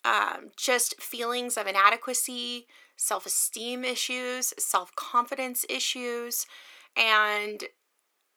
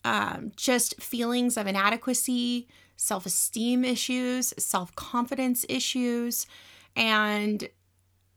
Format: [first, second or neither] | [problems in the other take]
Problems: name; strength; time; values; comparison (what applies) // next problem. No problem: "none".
second | thin; very; fading below 350 Hz